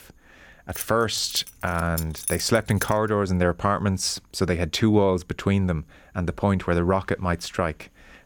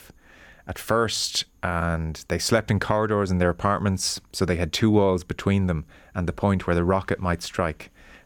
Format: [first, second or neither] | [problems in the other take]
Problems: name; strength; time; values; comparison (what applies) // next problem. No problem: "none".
second | jangling keys; noticeable; from 1 to 3 s; peak 5 dB below the speech